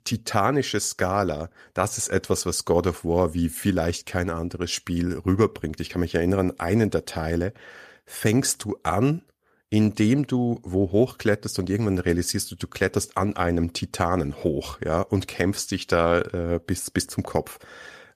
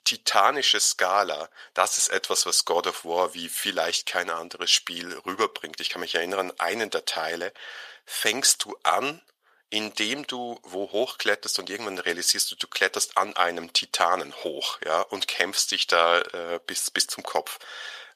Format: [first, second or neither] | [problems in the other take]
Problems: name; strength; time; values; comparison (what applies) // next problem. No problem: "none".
first | thin; very; fading below 800 Hz